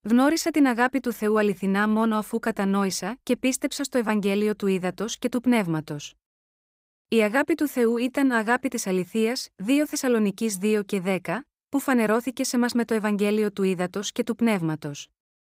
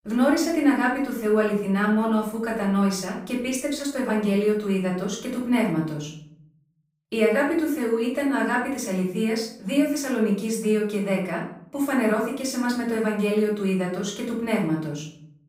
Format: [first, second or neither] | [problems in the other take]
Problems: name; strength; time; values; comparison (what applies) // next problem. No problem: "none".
first | off-mic speech; far // room echo; noticeable; dies away in 0.6 s